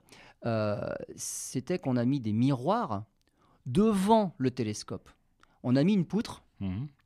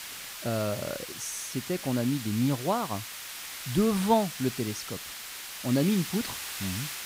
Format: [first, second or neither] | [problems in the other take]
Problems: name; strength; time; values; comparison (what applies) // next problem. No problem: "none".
first | hiss; loud; throughout; 7 dB below the speech